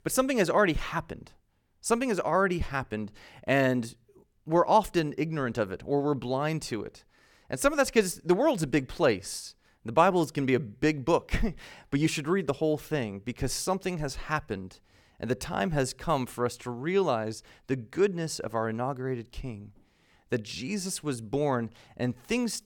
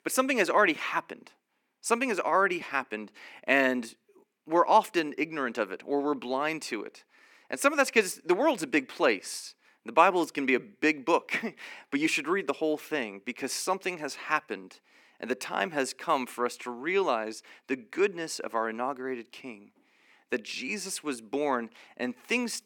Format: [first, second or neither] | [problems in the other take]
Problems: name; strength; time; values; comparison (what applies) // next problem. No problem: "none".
first | thin; very slightly; fading below 250 Hz